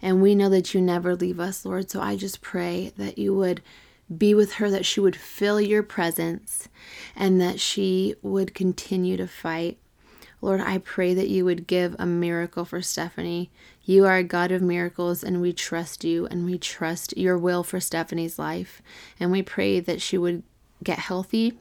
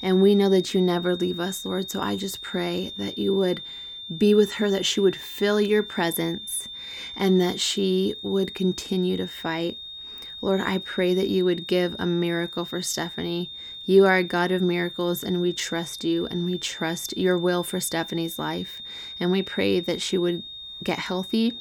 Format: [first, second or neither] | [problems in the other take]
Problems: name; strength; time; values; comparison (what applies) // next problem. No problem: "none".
first | high-pitched whine; noticeable; throughout; 3.5 kHz, 10 dB below the speech